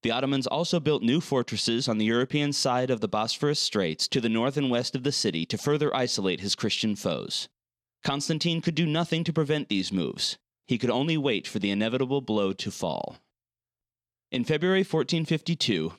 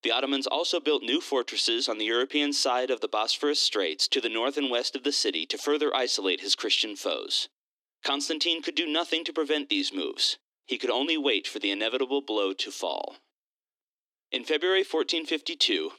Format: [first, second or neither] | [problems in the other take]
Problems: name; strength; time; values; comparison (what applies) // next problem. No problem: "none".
first | thin; somewhat; fading below 300 Hz